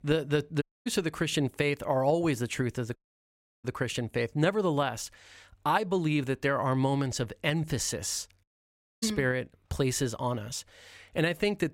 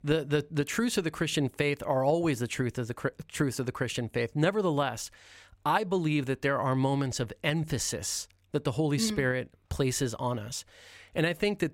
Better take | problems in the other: second | audio cutting out; at 0.5 s, at 3 s for 0.5 s and at 8.5 s for 0.5 s

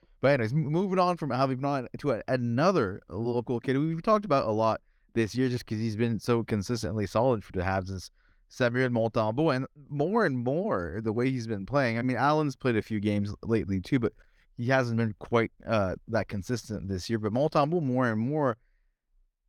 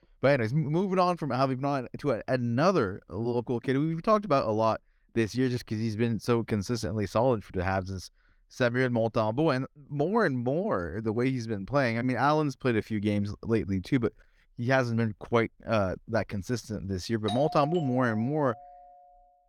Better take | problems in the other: first | doorbell; noticeable; from 17 to 19 s; peak 8 dB below the speech

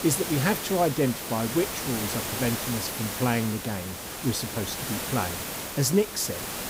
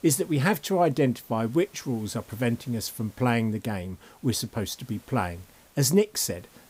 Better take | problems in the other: second | hiss; loud; throughout; 4 dB below the speech; faint in the second

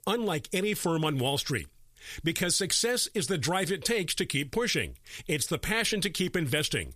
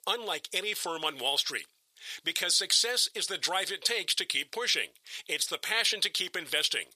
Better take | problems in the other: first | thin; very; fading below 650 Hz

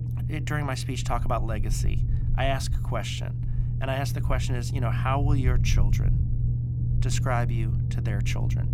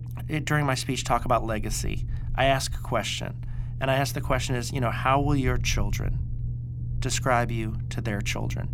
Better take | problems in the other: second | low rumble; loud; throughout; 9 dB below the speech; faint in the second

